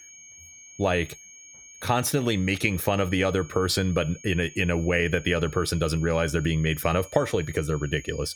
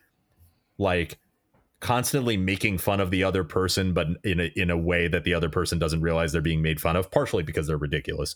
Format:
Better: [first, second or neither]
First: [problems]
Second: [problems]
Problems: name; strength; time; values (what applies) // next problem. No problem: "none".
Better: second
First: high-pitched whine; noticeable; throughout; 6.5 kHz, 20 dB below the speech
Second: none